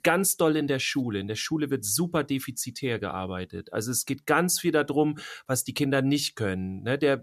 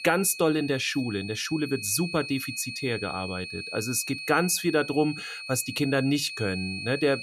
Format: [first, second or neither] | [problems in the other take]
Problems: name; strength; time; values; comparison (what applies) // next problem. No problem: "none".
first | high-pitched whine; loud; throughout; 2.5 kHz, 8 dB below the speech